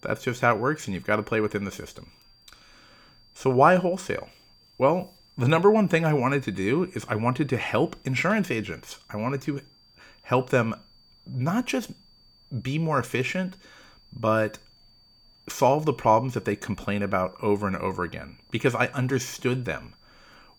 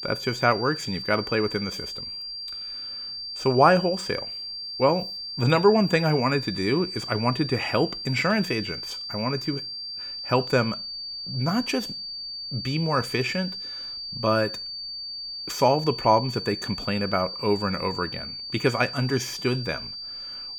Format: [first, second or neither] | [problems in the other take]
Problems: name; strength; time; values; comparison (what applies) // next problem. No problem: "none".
first | high-pitched whine; loud; throughout; 4.5 kHz, 7 dB below the speech; faint in the first